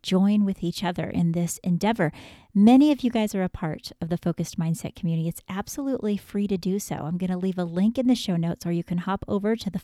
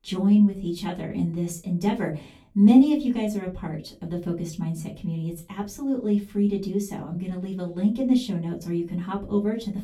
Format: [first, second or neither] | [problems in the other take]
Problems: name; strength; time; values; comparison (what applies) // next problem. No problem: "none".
first | off-mic speech; far // room echo; very slight; dies away in 0.2 s